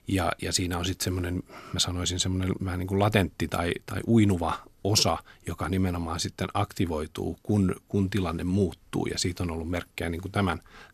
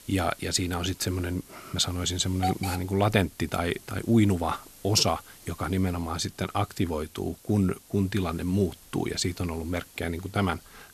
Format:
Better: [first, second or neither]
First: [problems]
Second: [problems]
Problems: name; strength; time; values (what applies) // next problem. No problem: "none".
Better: first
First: none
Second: hiss; noticeable; throughout; 15 dB below the speech